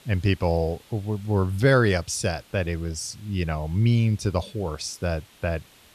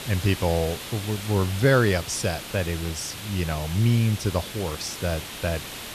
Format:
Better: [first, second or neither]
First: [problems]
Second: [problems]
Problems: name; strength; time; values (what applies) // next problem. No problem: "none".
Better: first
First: hiss; faint; throughout; 25 dB below the speech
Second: hiss; loud; throughout; 9 dB below the speech